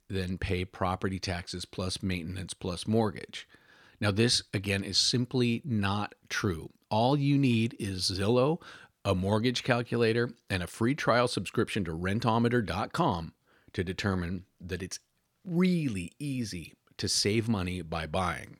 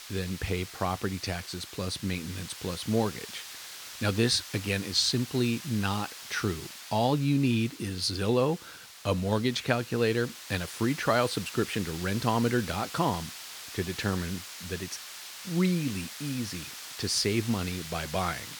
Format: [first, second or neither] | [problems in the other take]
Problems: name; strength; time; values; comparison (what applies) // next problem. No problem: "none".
first | hiss; noticeable; throughout; 10 dB below the speech